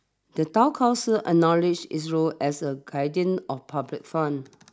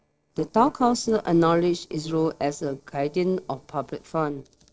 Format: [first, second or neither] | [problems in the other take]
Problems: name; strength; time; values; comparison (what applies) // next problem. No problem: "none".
first | noise reduction (neural separator model SepFormer DNS4)